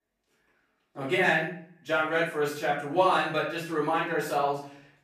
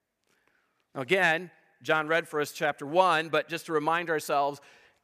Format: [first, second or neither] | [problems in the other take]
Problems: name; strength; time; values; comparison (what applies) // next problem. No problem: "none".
second | off-mic speech; far // room echo; noticeable; dies away in 0.5 s